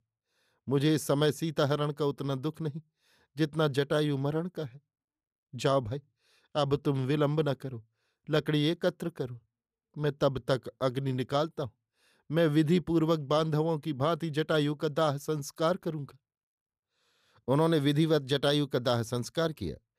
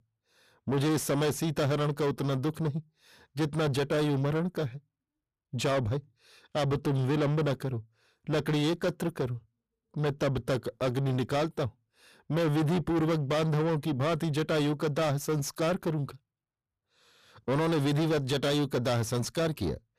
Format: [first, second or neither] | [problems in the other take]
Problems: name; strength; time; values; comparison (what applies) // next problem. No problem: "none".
first | distortion; heavy; 7 dB below the speech